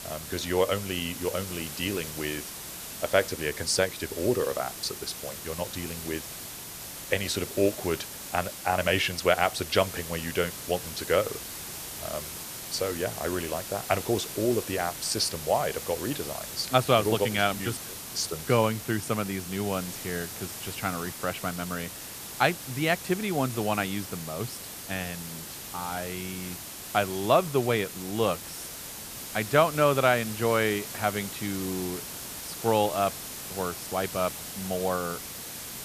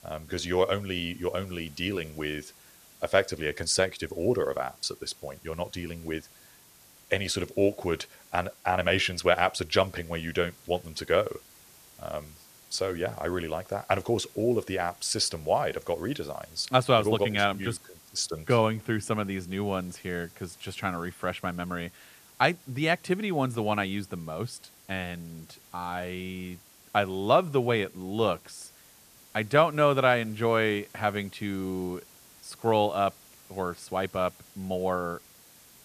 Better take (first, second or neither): second